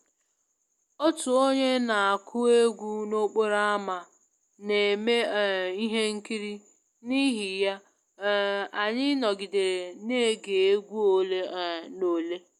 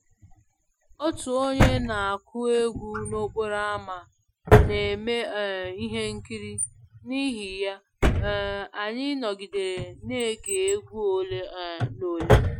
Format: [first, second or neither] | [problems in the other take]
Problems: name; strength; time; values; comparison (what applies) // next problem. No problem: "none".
first | noise reduction (classical method Wiener filter)